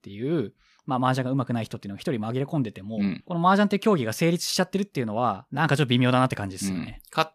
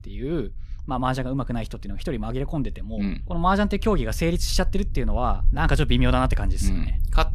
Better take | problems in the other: first | low rumble; faint; throughout; 25 dB below the speech

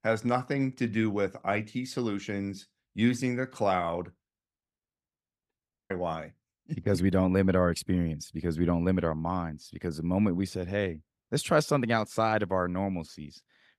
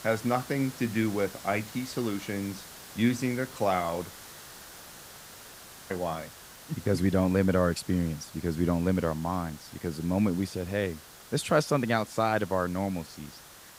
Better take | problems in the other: first | hiss; noticeable; throughout; 15 dB below the speech

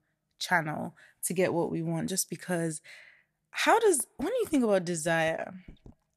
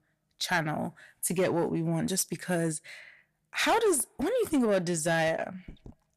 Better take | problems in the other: first | distortion; slight; 10 dB below the speech

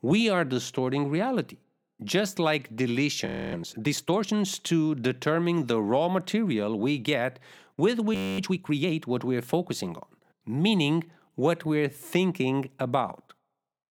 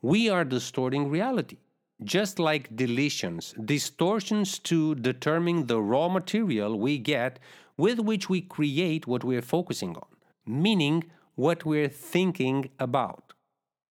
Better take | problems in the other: second | audio freezing; at 3.5 s and at 8 s

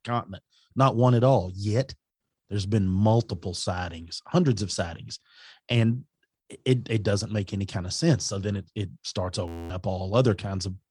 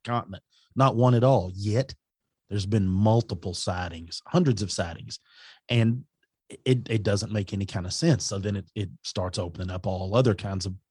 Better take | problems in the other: second | audio freezing; at 9.5 s

